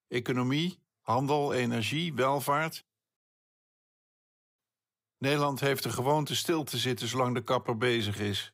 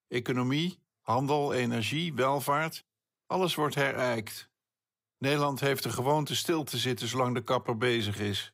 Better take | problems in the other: second | audio cutting out; at 3 s for 1.5 s

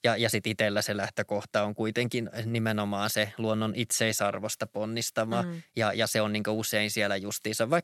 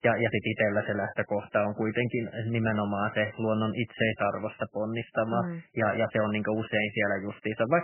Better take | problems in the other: first | garbled, watery; badly; nothing above 3 kHz

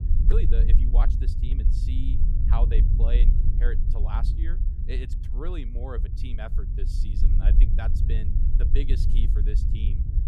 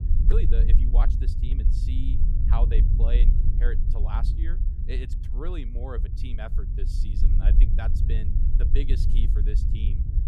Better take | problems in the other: neither | low rumble; loud; throughout; 4 dB below the speech; the same in both

